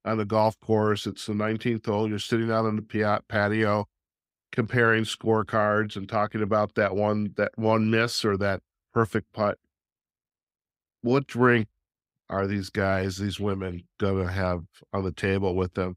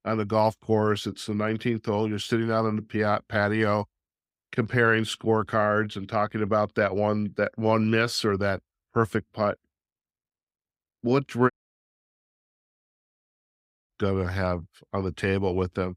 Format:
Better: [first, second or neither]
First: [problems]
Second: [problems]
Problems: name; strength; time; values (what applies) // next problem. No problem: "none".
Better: first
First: none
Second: audio cutting out; at 12 s for 2.5 s